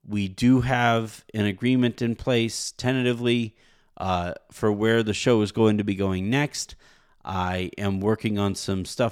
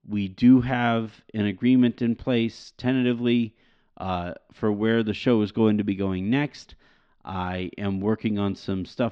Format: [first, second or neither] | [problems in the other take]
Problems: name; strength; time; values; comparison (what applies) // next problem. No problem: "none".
first | muffled; slightly; fading above 4 kHz